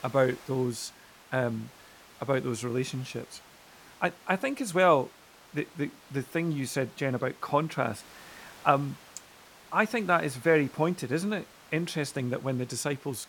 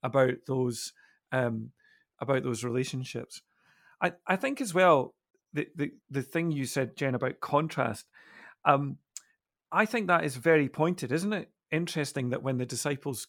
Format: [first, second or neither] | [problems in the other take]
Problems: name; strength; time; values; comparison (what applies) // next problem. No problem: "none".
second | hiss; faint; throughout; 20 dB below the speech